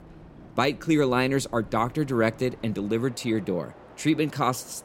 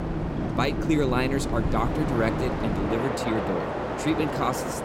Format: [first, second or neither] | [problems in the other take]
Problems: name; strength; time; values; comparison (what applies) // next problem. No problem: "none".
first | train or aircraft noise; loud; throughout; 1 dB below the speech; faint in the first